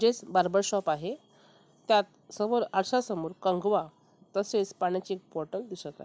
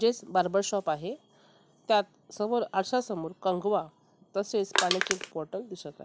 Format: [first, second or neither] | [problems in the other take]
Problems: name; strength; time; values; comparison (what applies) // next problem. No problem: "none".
first | background sound (Crushing); 1 dB above the speech